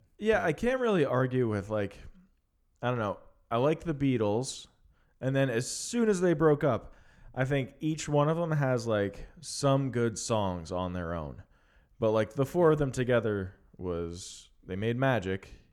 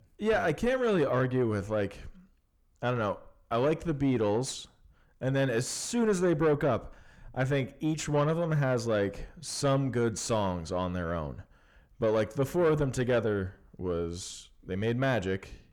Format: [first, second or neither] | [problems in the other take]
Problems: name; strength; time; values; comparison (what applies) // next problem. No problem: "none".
first | distortion; slight; 10 dB below the speech